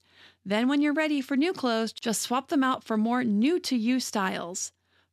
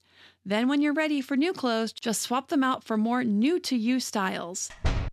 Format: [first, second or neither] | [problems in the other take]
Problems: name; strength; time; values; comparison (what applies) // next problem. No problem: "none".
first | door banging; noticeable; at 5 s; peak 4 dB below the speech